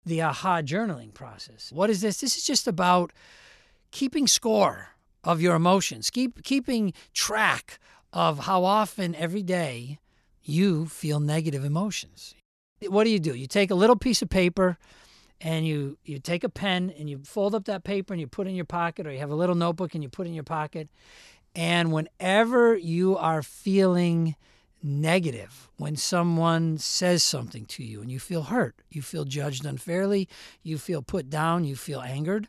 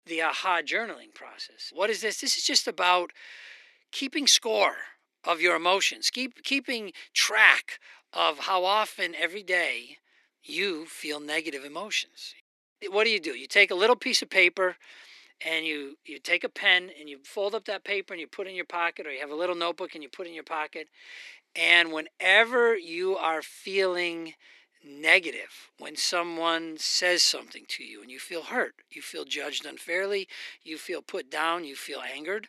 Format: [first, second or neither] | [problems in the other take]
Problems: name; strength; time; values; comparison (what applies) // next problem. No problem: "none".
first | thin; very; fading below 300 Hz